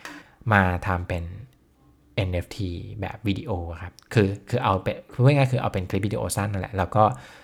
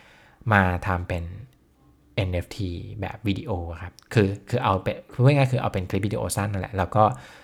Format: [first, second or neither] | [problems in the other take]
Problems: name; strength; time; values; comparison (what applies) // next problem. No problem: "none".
second | phone ringing; faint; at the start; peak 15 dB below the speech